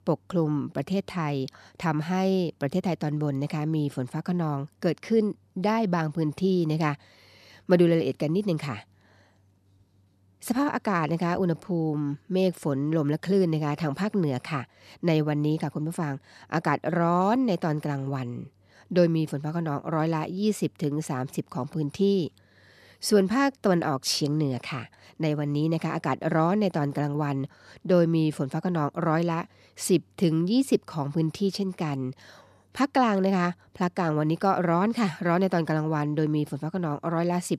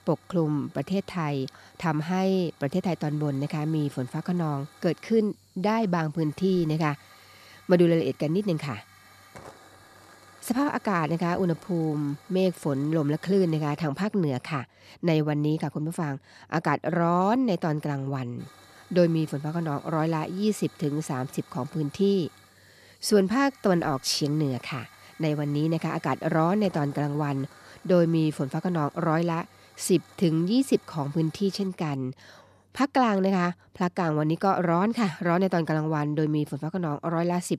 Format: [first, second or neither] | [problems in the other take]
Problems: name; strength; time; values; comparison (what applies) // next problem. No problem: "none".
first | hiss; faint; until 14 s and from 18 to 32 s; 25 dB below the speech